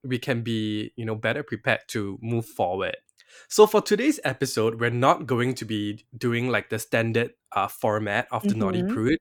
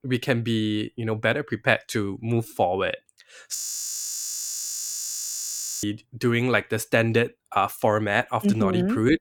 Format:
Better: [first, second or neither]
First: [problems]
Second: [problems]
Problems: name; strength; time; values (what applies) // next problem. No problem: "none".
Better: first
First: none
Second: audio freezing; at 3.5 s for 2.5 s